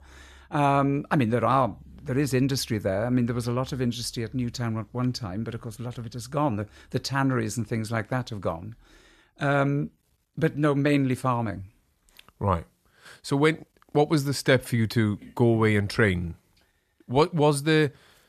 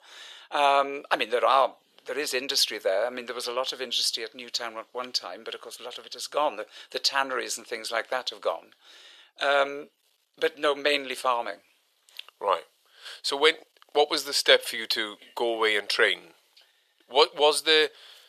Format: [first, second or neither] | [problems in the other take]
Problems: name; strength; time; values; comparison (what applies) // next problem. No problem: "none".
first | thin; very; fading below 500 Hz